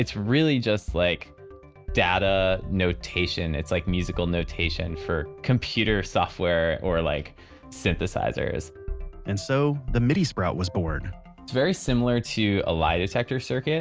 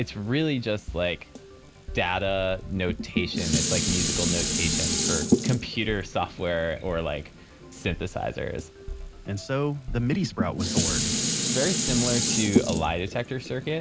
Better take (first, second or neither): first